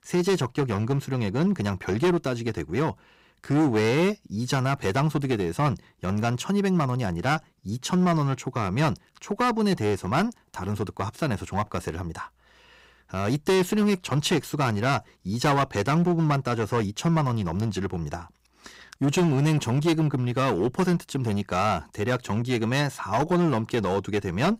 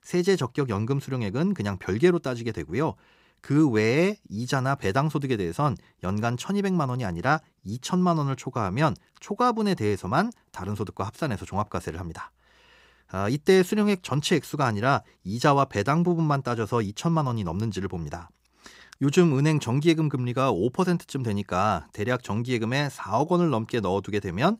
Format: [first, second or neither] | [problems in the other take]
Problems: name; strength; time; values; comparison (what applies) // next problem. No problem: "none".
second | distortion; slight; 9% of the sound clipped